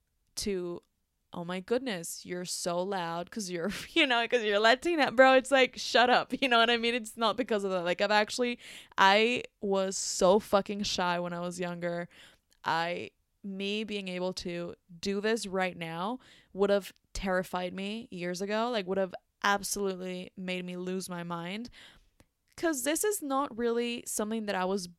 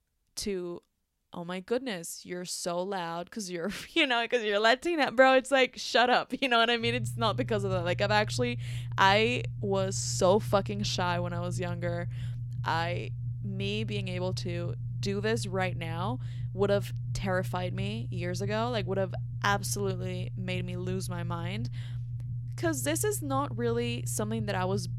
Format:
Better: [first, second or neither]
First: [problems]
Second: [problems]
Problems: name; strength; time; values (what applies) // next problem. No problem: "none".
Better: first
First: none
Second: low rumble; faint; from 7 s on; 20 dB below the speech